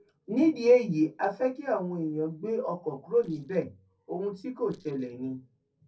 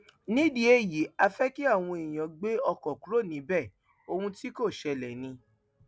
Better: second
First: noise reduction (neural separator model SepFormer DNS4)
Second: none

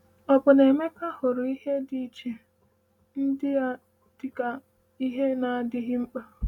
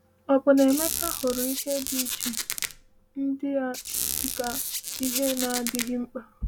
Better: first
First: none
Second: background sound (Squeak); 4 dB below the speech

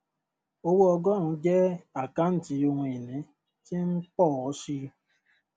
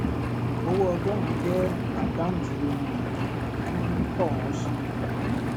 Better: first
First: none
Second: background sound (Engine); 4 dB above the speech

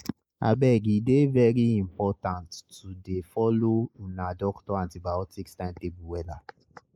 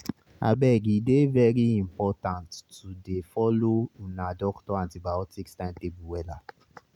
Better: second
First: noise reduction (neural mask model Resemble Enhance denoiser)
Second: none

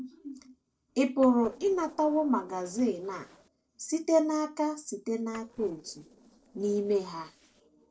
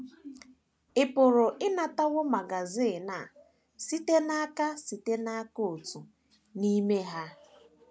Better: second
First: noise reduction (neural separator model SepFormer DNS4)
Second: none

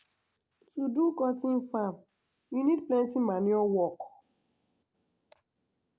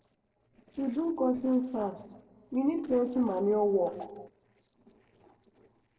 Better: first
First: none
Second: noise reduction (neural separator model SepFormer DNS4)

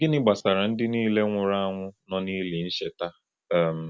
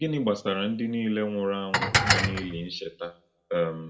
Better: first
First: none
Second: background sound (Dishes, pots, and pans); 4 dB above the speech // room echo; dies away in 0.3 s

